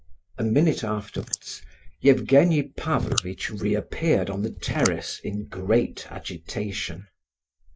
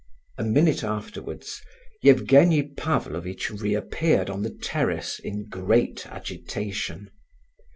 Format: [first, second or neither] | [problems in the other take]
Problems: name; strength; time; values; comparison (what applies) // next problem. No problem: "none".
second | noise reduction (neural mask model Resemble Enhance denoiser)